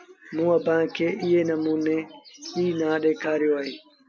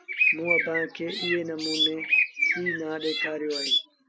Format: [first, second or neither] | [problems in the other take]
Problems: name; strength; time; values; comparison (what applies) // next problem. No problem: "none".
first | background sound (Bird); 5 dB above the speech